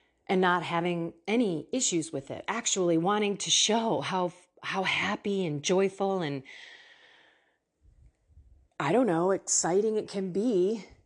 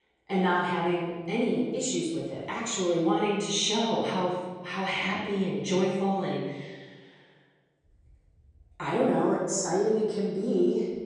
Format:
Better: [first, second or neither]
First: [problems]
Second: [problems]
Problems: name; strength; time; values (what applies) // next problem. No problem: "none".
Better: first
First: none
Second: off-mic speech; far // room echo; noticeable; dies away in 1.2 s